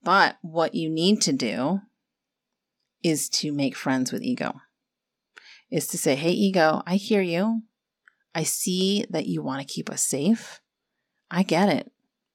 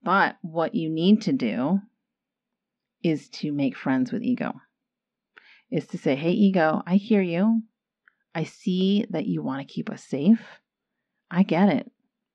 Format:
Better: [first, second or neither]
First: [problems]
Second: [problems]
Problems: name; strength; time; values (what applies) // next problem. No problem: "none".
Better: first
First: none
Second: muffled; slightly; fading above 3 kHz